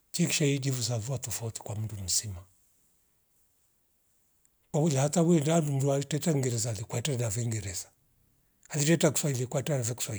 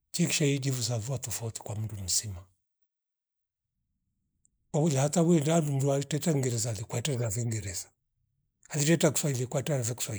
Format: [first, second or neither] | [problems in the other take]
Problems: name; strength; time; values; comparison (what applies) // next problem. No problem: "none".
first | noise reduction (neural mask model Resemble Enhance denoiser)